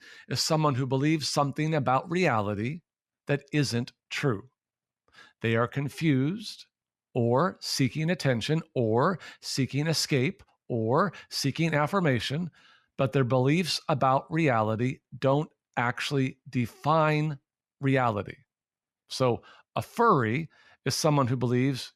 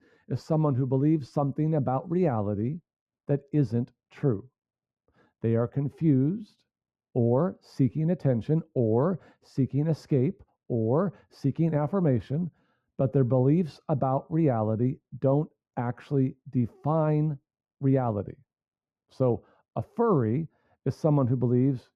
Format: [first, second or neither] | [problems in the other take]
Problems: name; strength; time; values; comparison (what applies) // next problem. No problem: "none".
first | muffled; very; fading above 1 kHz